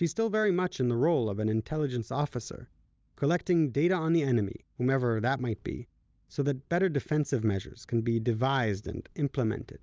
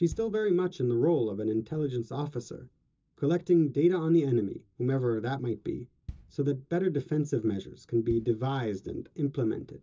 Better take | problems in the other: first | background sound (Bass drum); 18 dB below the speech // room echo; dies away in 0.2 s

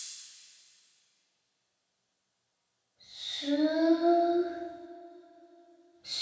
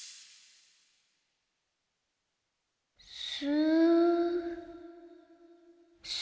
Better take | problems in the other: second | room echo; dies away in 0.7 s

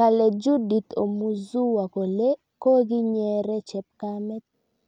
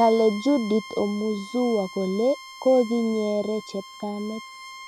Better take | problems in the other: first | background sound (Bowed string instrument); 17 dB below the speech

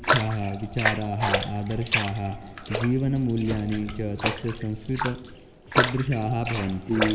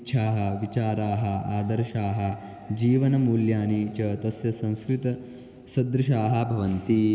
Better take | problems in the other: second | noise reduction (neural mask model Resemble Enhance denoiser)

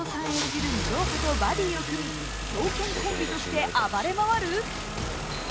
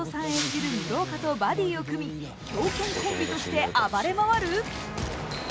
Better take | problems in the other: second | background sound (Engine starting / Car); 5 dB below the speech

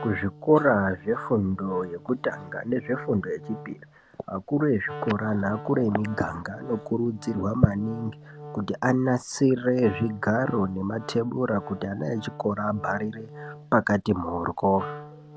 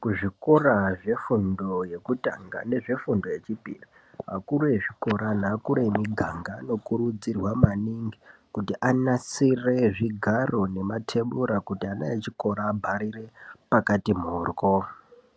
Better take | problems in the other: second | background sound (Wind instrument, woodwind instrument); 17 dB below the speech

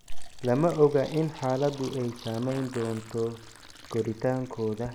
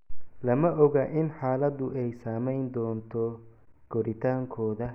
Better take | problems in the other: second | background sound (Fill (with liquid) + Fart); 19 dB below the speech

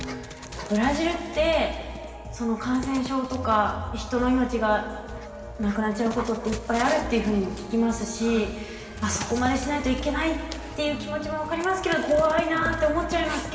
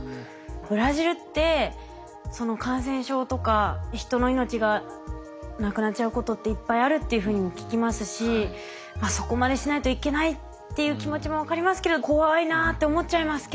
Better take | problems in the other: second | background sound (Dog); 15 dB below the speech // room echo; dies away in 2.2 s

